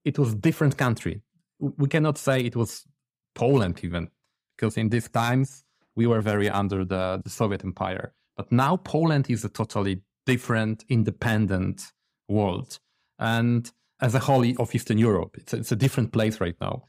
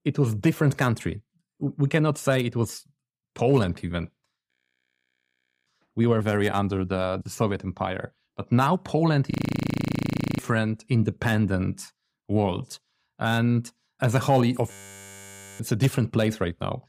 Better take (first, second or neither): first